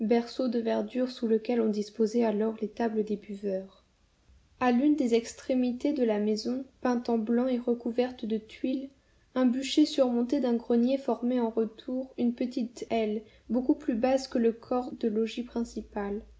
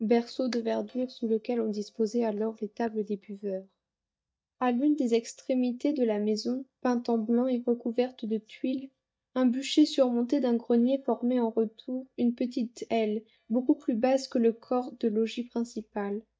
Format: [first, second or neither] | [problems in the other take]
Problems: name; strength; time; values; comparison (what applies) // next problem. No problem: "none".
first | noise reduction (neural mask model DeepFilterNet 3)